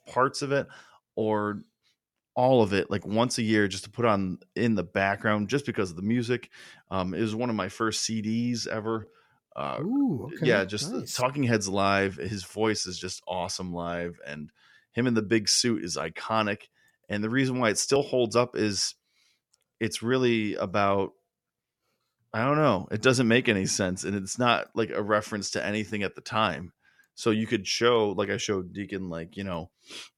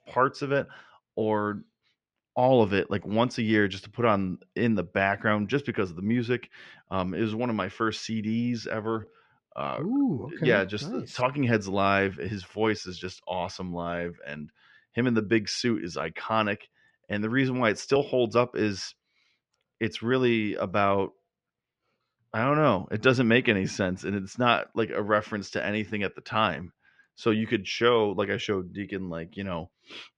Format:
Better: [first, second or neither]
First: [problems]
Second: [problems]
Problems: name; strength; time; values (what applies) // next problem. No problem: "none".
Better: first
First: none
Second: muffled; slightly; fading above 3 kHz